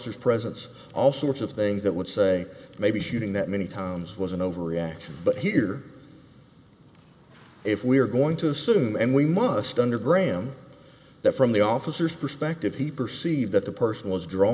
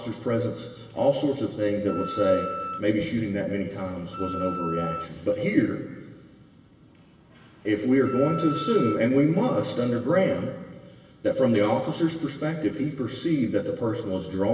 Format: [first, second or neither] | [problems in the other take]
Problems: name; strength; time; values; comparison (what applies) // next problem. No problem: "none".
first | background sound (Wind instrument, woodwind instrument); 9 dB below the speech // room echo; dies away in 1.4 s